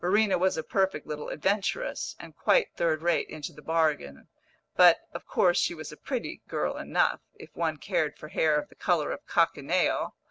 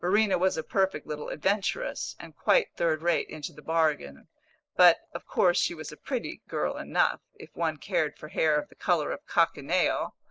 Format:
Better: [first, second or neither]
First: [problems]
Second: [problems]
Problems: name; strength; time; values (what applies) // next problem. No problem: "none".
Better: first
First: none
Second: noise reduction (neural mask model Resemble Enhance denoiser)